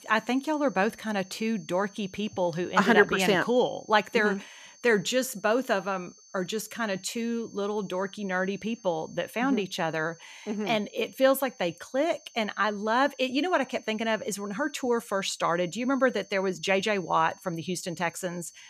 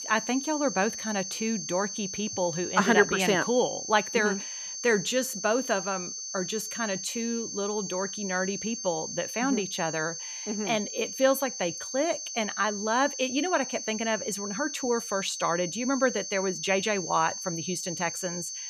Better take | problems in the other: first | high-pitched whine; loud; throughout; 6 kHz, 6 dB below the speech; faint in the first

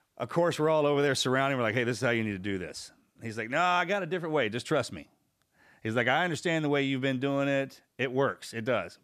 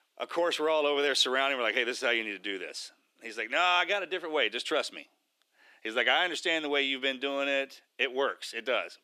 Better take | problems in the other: first | thin; somewhat; fading below 300 Hz

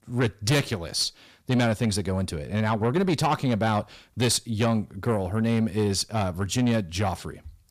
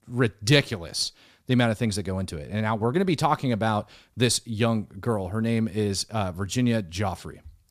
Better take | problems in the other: second | distortion; slight; 10 dB below the speech

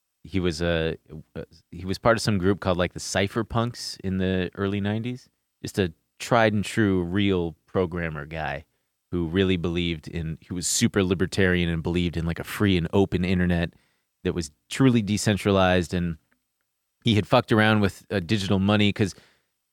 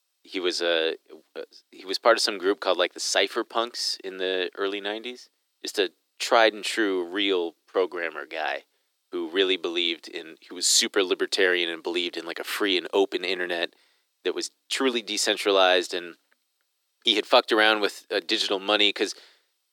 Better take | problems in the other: first | thin; very; fading below 300 Hz

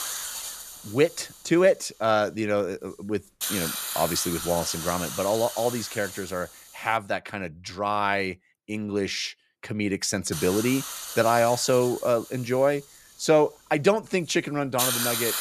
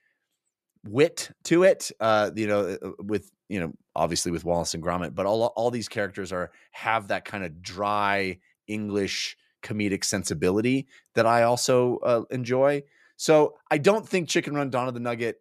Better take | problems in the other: second | hiss; loud; until 7 s and from 10 s on; 5 dB below the speech

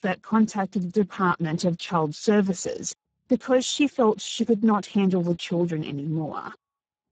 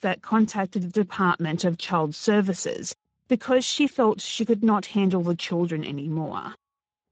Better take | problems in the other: second | garbled, watery; badly; nothing above 7.5 kHz; slightly in the second

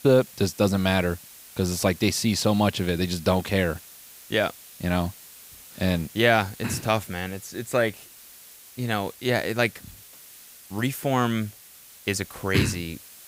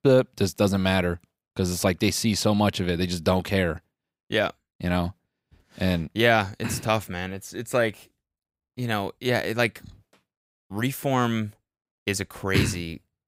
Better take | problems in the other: second | hiss; noticeable; throughout; 20 dB below the speech

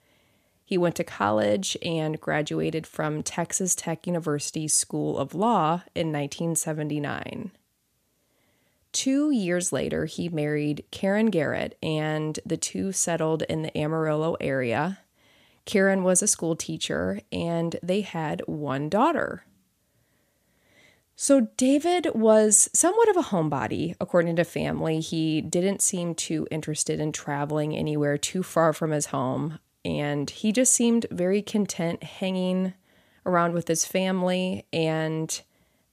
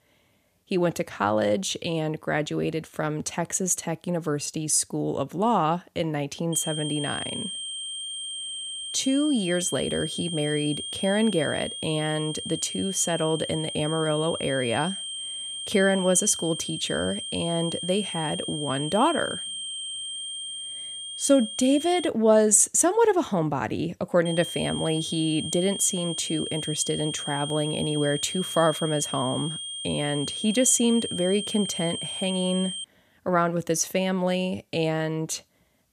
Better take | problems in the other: first | high-pitched whine; loud; from 6.5 to 22 s and from 24 to 33 s; 3 kHz, 6 dB below the speech

